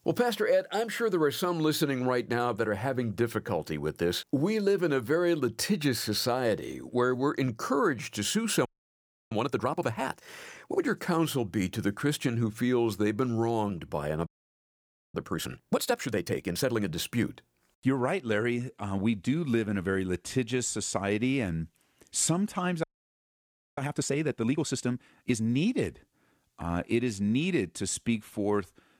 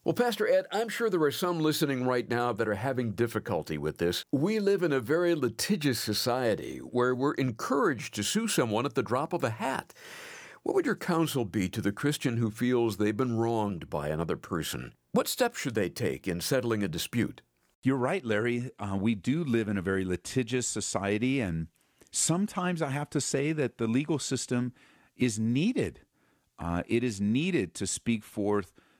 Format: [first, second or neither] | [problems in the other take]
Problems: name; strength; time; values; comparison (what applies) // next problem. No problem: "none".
second | audio freezing; at 8.5 s for 0.5 s, at 14 s for 1 s and at 23 s for 1 s